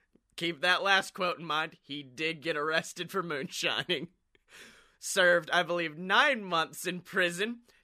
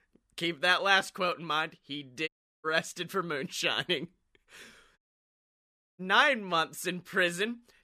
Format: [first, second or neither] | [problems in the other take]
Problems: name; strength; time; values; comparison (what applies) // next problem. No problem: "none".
first | audio cutting out; at 2.5 s and at 5 s for 1 s